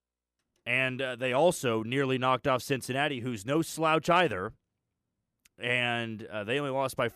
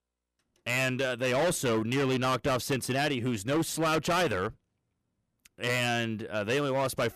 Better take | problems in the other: first | distortion; heavy; 14% of the sound clipped

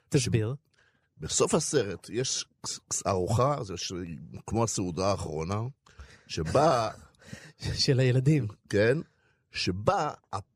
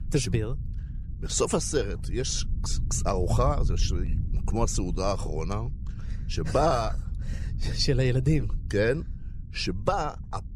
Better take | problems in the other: first | low rumble; faint; throughout; 20 dB below the speech

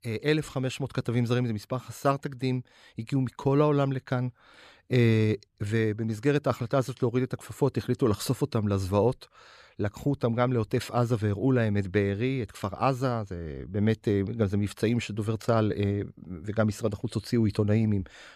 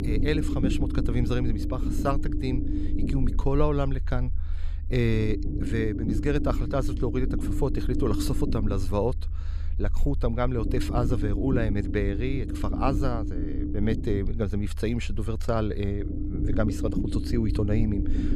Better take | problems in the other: first | low rumble; loud; throughout; 5 dB below the speech

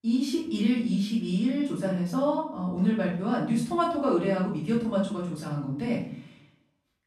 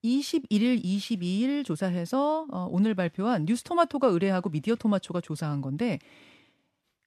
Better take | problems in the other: second | off-mic speech; far // room echo; noticeable; dies away in 0.5 s

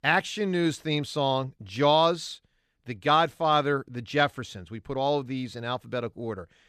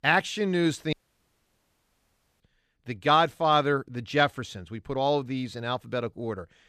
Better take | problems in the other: first | audio cutting out; at 1 s for 1.5 s

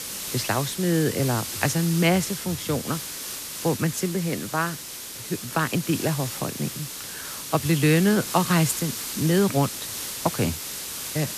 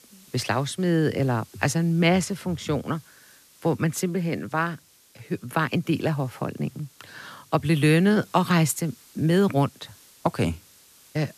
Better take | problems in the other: second | hiss; loud; throughout; 6 dB below the speech; faint in the second

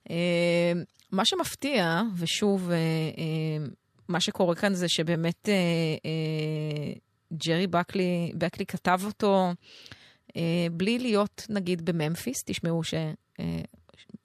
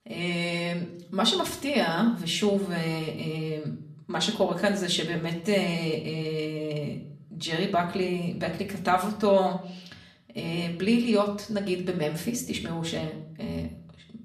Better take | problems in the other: first | room echo; slight; dies away in 0.5 s // off-mic speech; far

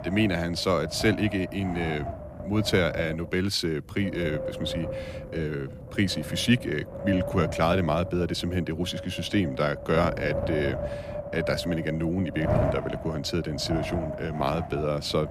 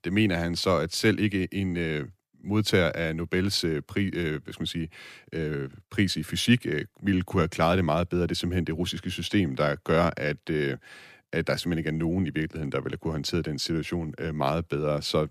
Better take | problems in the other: second | wind noise on the microphone; heavy; 6 dB below the speech

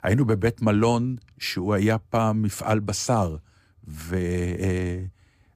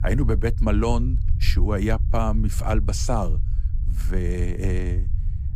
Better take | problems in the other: first | low rumble; noticeable; throughout; 15 dB below the speech

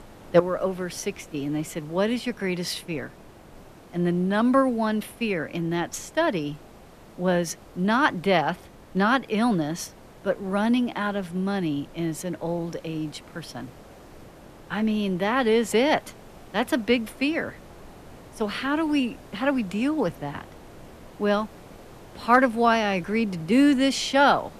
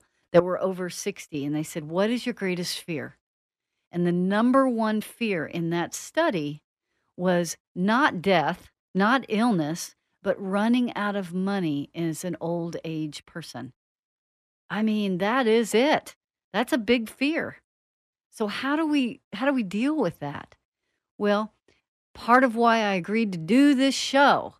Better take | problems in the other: second | hiss; faint; throughout; 25 dB below the speech

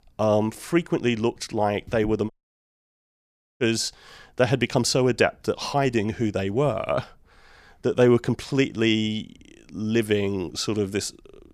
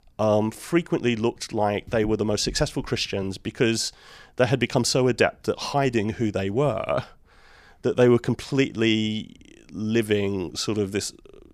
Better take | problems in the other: second | audio cutting out; at 2.5 s for 1.5 s

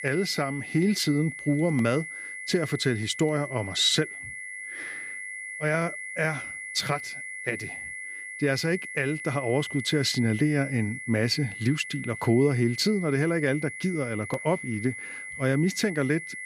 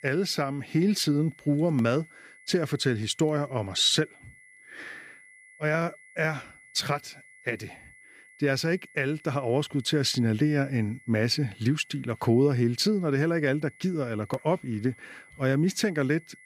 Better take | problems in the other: second | high-pitched whine; loud; throughout; 2 kHz, 9 dB below the speech; faint in the second

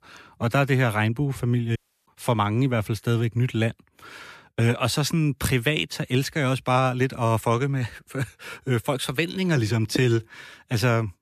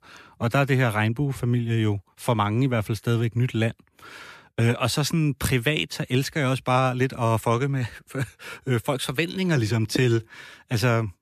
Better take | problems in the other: second | audio cutting out; at 2 s

